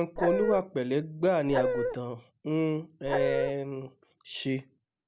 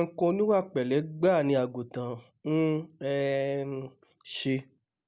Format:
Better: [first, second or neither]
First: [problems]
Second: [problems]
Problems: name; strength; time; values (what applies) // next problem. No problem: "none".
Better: second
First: background sound (Dog); 1 dB above the speech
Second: none